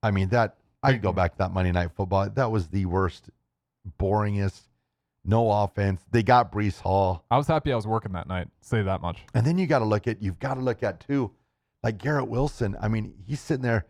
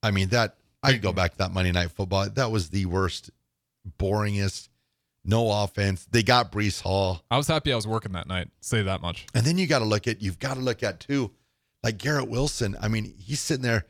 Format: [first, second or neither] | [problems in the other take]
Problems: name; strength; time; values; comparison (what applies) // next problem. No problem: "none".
second | muffled; very; fading above 2.5 kHz